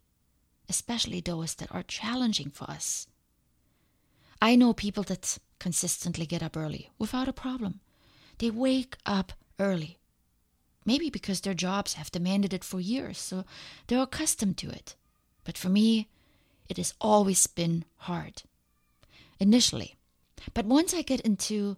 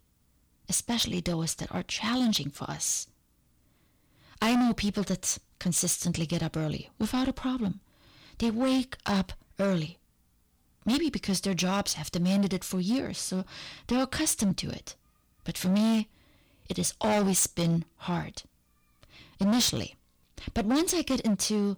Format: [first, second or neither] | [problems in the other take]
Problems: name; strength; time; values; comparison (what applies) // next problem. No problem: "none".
first | distortion; heavy; 9% of the sound clipped